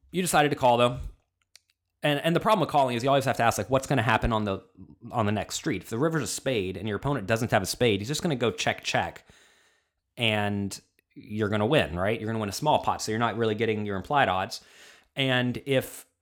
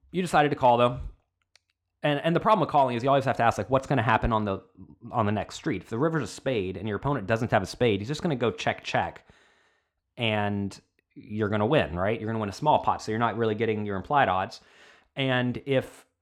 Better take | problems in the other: first | muffled; slightly; fading above 2.5 kHz

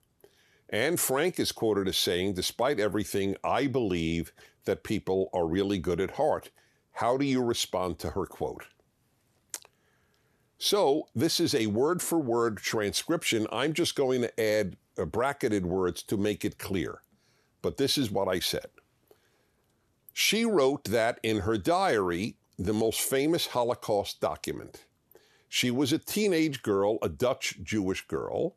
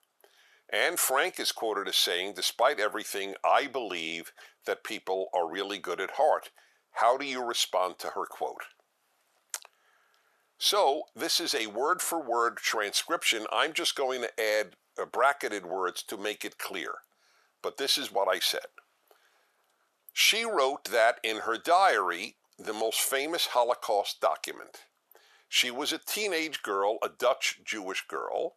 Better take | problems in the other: first | thin; very; fading below 650 Hz

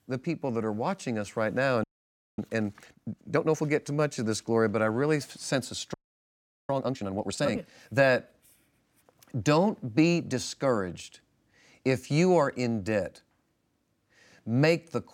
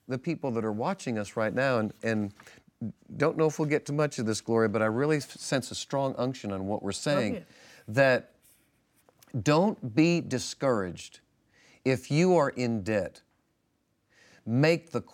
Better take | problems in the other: second | audio freezing; at 2 s for 0.5 s and at 6 s for 1 s

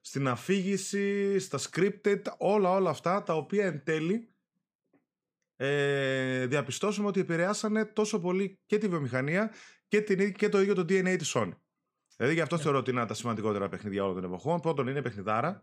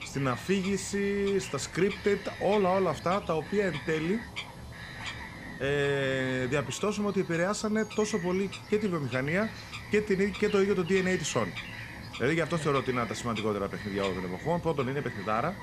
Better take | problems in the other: first | animal sounds; noticeable; throughout; 10 dB below the speech

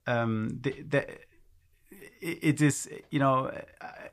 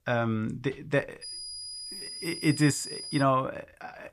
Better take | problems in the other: first | high-pitched whine; loud; from 1 to 3 s; 5 kHz, 9 dB below the speech

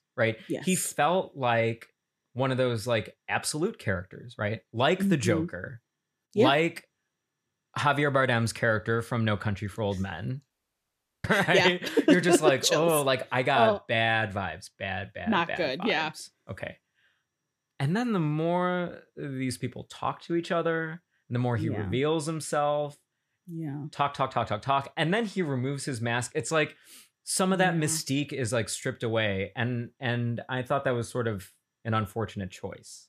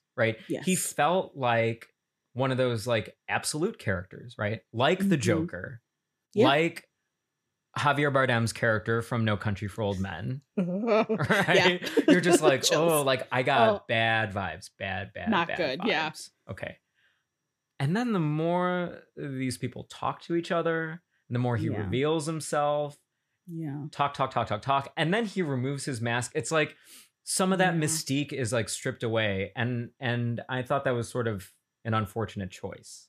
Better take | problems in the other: second | audio cutting out; at 11 s for 0.5 s

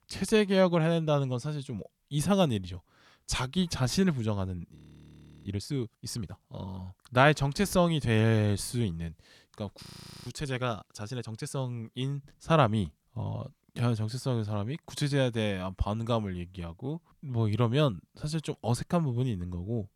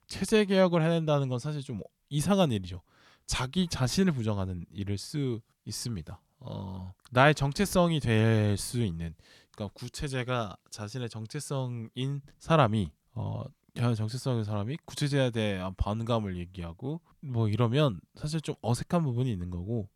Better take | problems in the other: second | audio freezing; at 5 s for 0.5 s and at 10 s

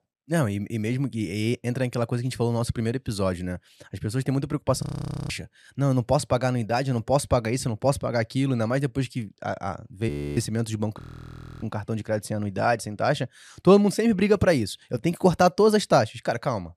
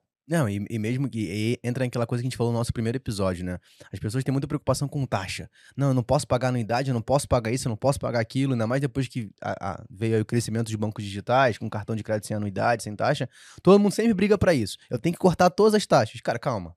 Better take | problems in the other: second | audio freezing; at 5 s, at 10 s and at 11 s for 0.5 s

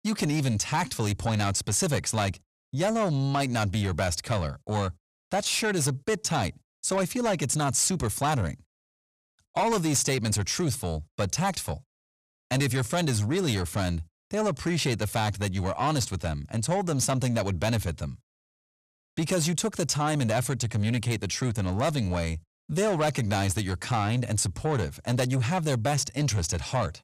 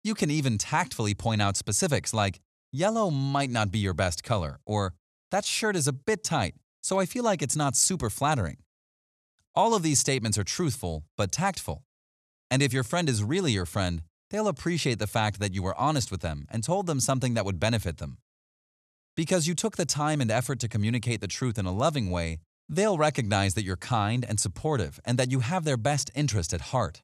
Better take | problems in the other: second | distortion; slight; 10 dB below the speech

